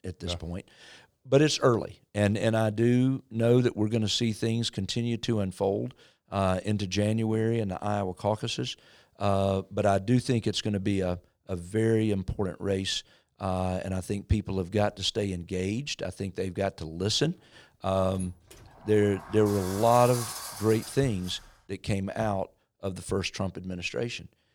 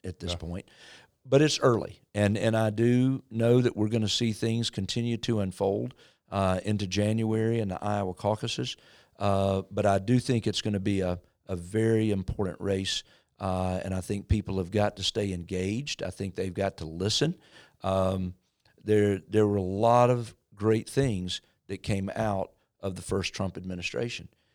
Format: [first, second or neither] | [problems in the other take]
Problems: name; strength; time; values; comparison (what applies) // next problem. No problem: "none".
second | door banging; noticeable; from 18 to 22 s; peak 6 dB below the speech